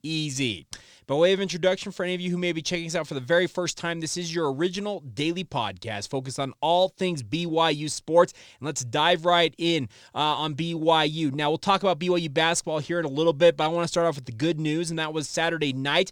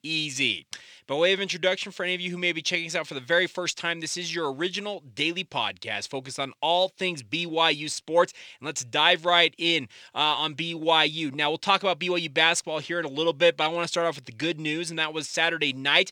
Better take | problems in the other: first | thin; very slightly; fading below 250 Hz

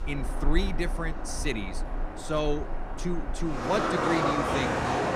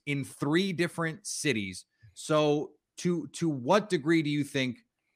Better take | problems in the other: second | animal sounds; very loud; throughout; 1 dB above the speech

